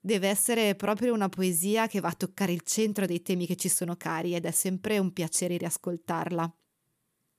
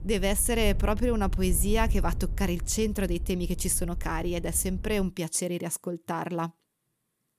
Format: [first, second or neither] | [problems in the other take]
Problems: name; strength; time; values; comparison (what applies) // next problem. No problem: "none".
first | wind noise on the microphone; occasional gusts; until 5 s; 20 dB below the speech